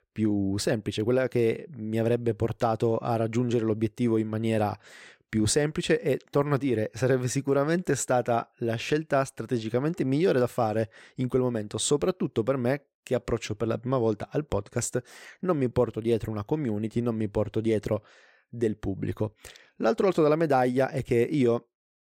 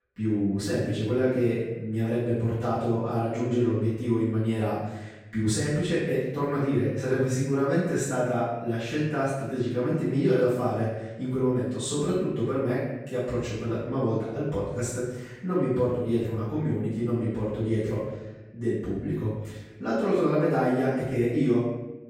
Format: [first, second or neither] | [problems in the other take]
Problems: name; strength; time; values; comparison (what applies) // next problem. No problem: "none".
first | off-mic speech; far // room echo; strong; dies away in 0.9 s